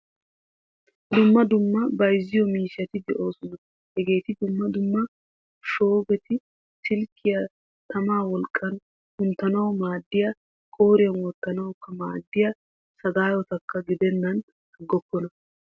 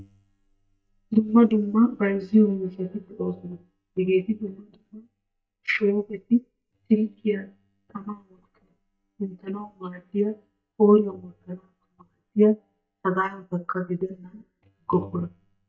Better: first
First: none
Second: noise reduction (neural mask model DeepFilterNet 3)

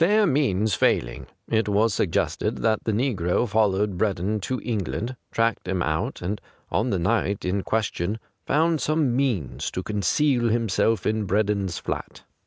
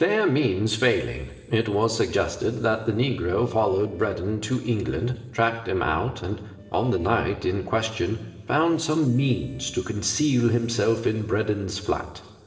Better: first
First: none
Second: noise reduction (neural separator model SepFormer DNS4)

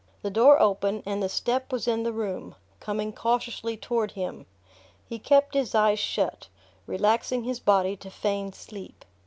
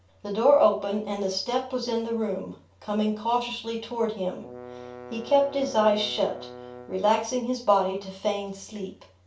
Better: first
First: none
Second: background sound (Bowed string instrument); 16 dB below the speech // room echo; dies away in 0.3 s

